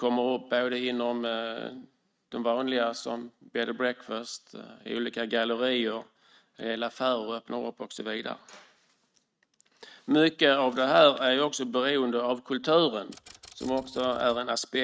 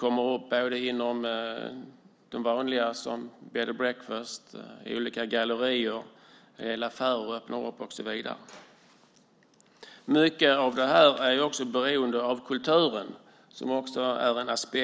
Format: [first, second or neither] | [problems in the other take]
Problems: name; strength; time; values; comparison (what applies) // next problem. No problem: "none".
second | noise reduction (neural mask model RNNoise)